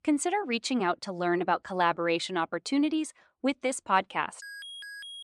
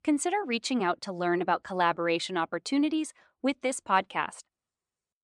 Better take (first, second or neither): second